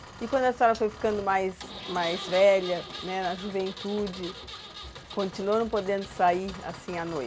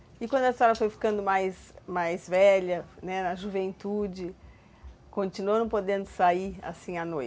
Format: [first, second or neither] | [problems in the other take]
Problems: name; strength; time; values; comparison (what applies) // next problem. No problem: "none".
second | background sound (Engine); 14 dB below the speech